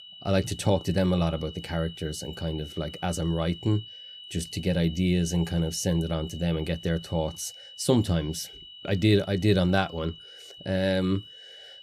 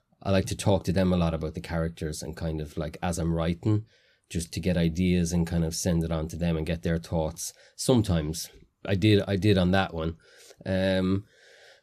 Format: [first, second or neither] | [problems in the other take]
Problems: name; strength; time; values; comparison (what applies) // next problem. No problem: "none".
second | high-pitched whine; noticeable; throughout; 3 kHz, 15 dB below the speech